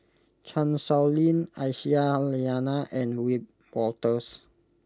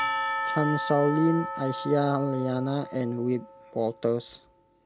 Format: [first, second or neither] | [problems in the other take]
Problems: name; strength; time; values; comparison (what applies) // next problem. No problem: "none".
first | background sound (Percussion); 6 dB below the speech